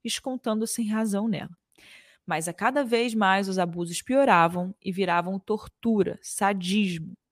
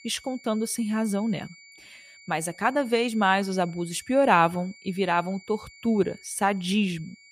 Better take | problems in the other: first | high-pitched whine; faint; throughout; 2 kHz, 25 dB below the speech

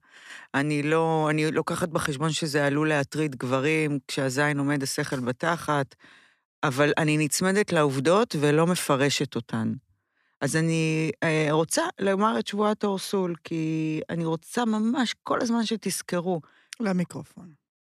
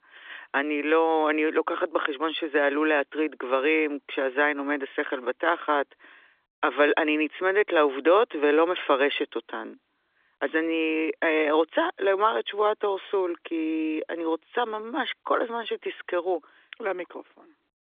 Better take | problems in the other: first | phone-call audio; nothing above 3.5 kHz

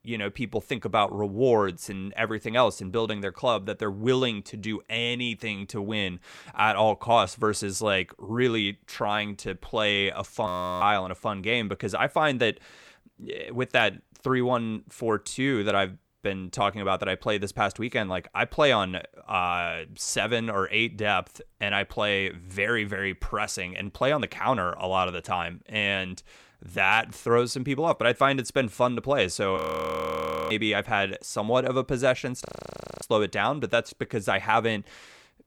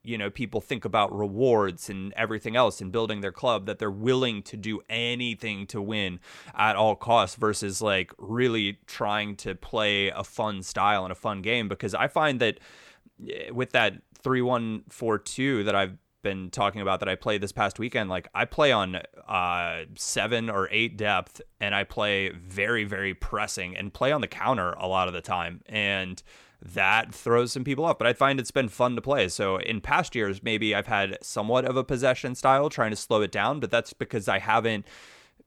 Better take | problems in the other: second | audio freezing; at 10 s, at 30 s for 1 s and at 32 s for 0.5 s

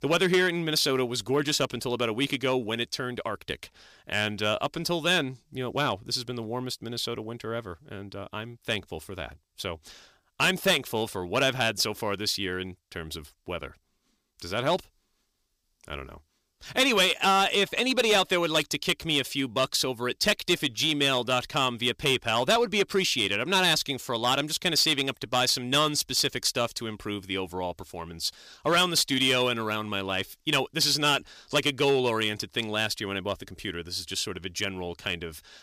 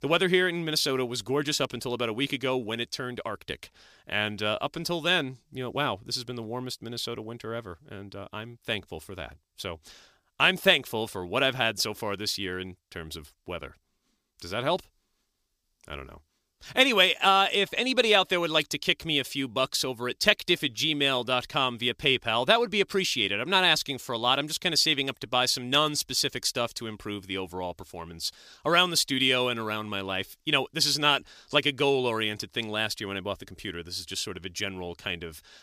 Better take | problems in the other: second | distortion; slight; 2% of the sound clipped

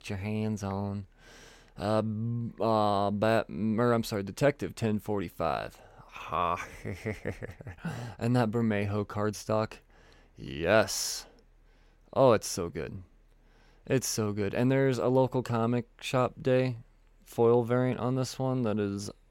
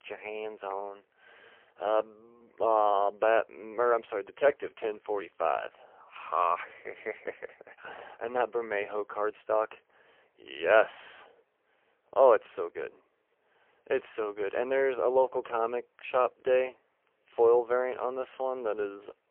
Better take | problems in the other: first | phone-call audio; poor line; nothing above 3 kHz

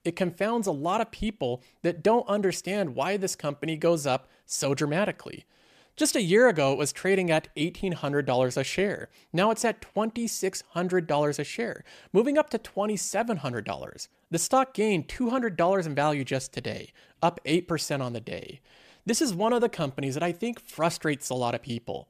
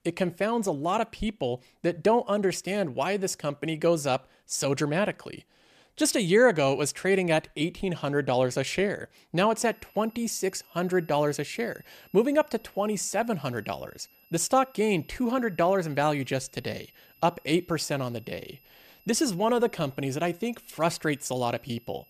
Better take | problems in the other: first | high-pitched whine; faint; from 9.5 s on; 12 kHz, 30 dB below the speech

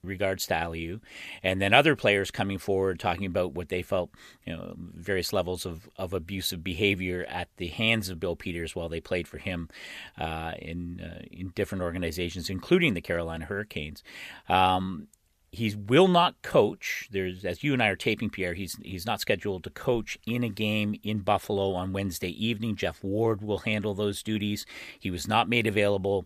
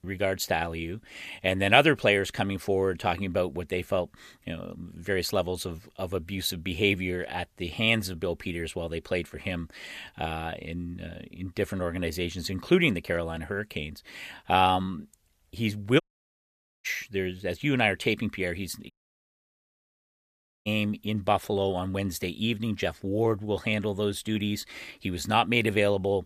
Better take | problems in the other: first | audio cutting out; at 16 s for 1 s and at 19 s for 2 s

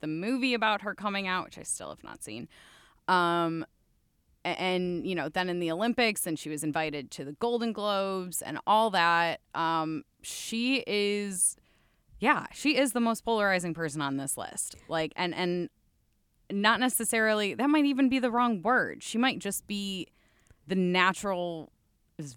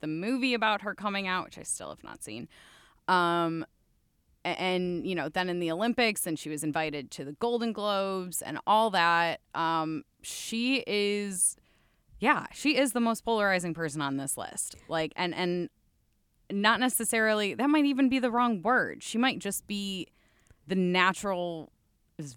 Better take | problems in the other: neither | none

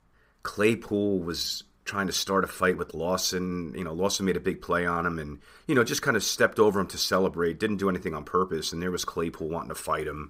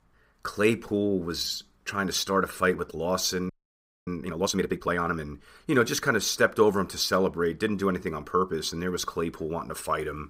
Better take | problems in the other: first | audio freezing; at 3.5 s for 0.5 s

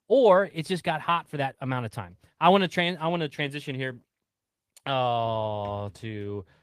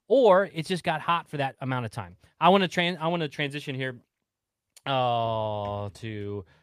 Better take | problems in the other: second | garbled, watery; slightly; nothing above 15 kHz

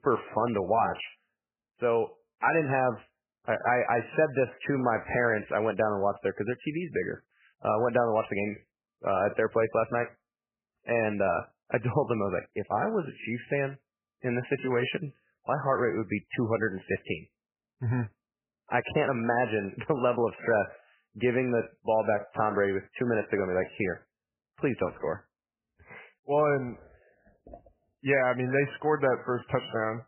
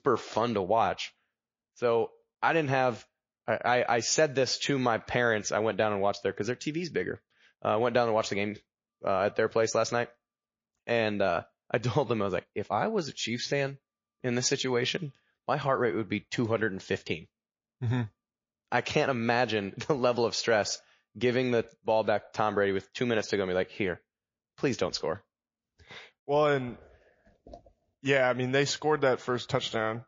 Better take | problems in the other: second | garbled, watery; badly; nothing above 3 kHz; slightly in the second

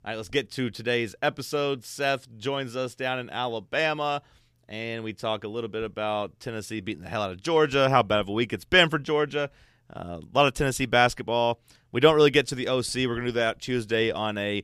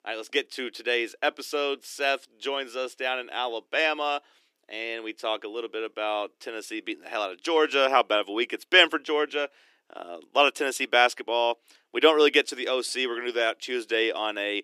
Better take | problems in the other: first | thin; somewhat; fading below 300 Hz

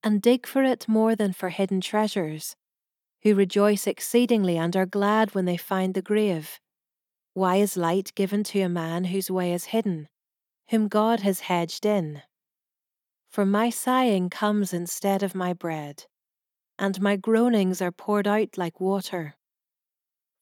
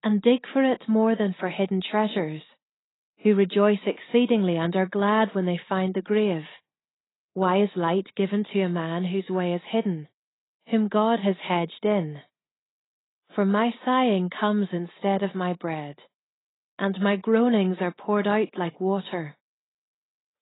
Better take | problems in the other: first | garbled, watery; badly; nothing above 4 kHz

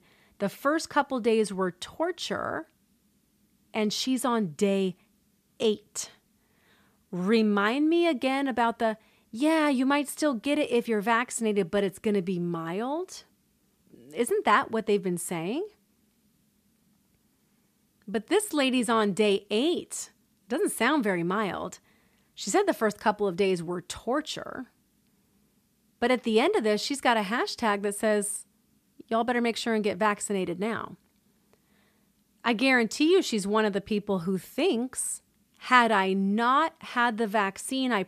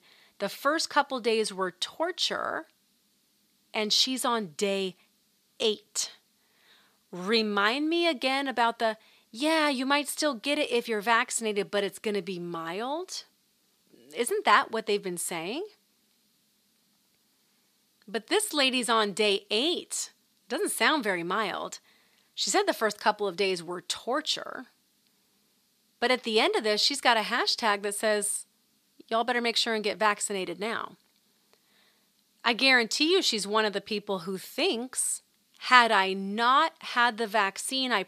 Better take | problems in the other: first | thin; very slightly; fading below 1 kHz

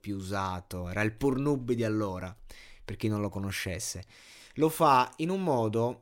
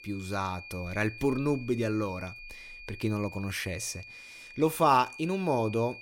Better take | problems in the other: first | high-pitched whine; noticeable; throughout; 2.5 kHz, 15 dB below the speech

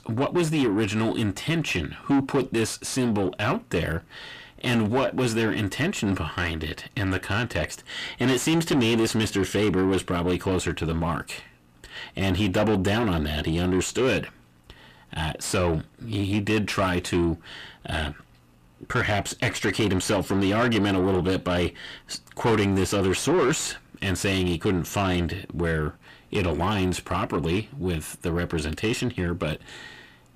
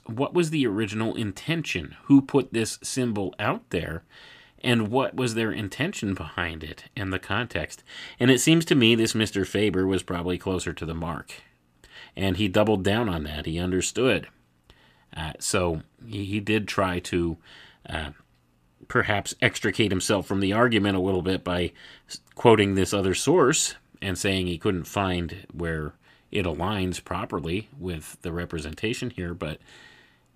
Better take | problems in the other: second | distortion; heavy; 6 dB below the speech

